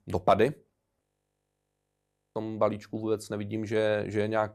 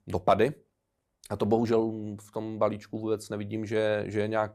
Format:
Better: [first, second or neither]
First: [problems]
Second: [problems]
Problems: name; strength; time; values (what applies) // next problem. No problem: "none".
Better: second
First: audio freezing; at 1 s for 1.5 s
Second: none